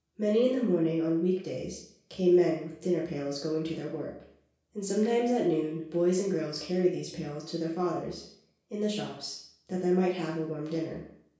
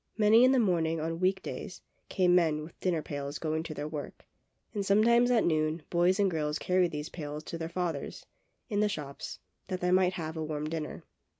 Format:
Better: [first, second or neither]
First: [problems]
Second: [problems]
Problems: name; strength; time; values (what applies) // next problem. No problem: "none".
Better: second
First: room echo; dies away in 0.6 s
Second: none